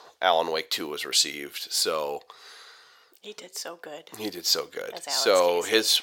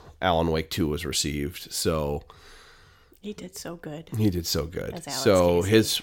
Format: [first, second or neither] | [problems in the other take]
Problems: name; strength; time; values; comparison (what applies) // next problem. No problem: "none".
second | thin; very; fading below 600 Hz